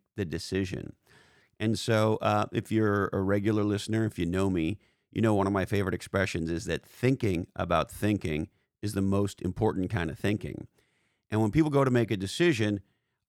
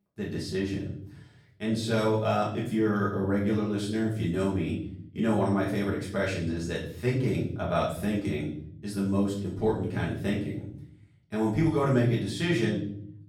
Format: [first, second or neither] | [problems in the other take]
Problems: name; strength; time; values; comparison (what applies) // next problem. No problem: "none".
first | off-mic speech; far // room echo; noticeable; dies away in 0.6 s